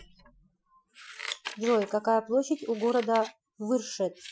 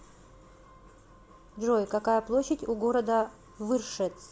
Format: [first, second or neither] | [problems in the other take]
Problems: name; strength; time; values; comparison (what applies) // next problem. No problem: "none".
second | noise reduction (classical method Wiener filter)